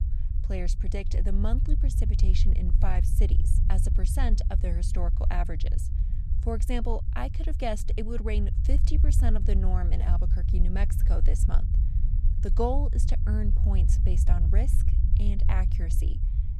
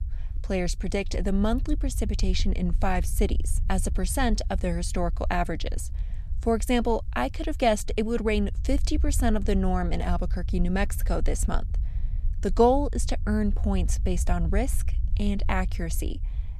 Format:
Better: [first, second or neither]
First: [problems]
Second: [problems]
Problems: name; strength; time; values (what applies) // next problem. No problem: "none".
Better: second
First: low rumble; loud; throughout; 8 dB below the speech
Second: low rumble; faint; throughout; 20 dB below the speech